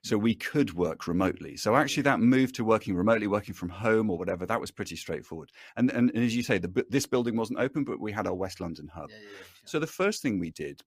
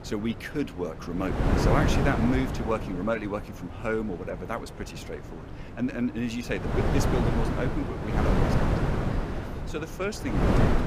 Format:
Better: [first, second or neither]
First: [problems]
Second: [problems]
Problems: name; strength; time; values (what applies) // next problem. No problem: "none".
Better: first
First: none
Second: wind noise on the microphone; heavy; 1 dB above the speech